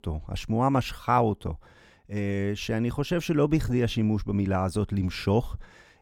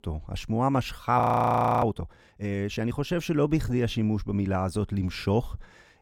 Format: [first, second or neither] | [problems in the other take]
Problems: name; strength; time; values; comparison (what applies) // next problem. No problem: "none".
first | audio freezing; at 1 s for 0.5 s